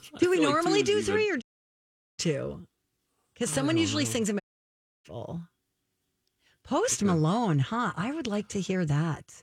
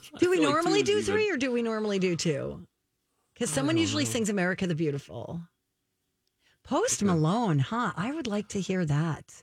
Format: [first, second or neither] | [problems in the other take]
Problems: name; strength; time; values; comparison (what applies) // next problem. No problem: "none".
second | audio cutting out; at 1.5 s for 1 s and at 4.5 s for 0.5 s